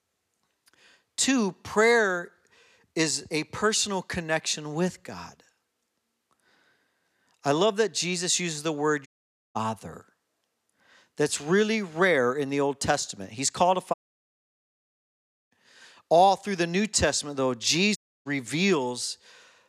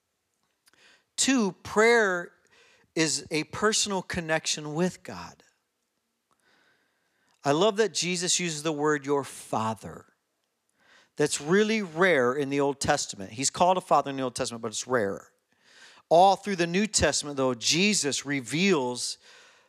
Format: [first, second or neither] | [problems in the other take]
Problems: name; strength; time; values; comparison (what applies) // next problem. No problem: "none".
second | audio cutting out; at 9 s, at 14 s for 1.5 s and at 18 s